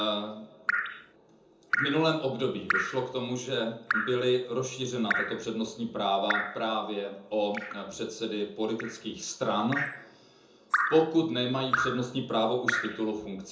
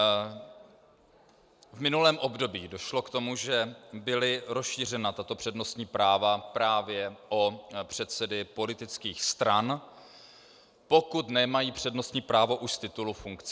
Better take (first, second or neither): second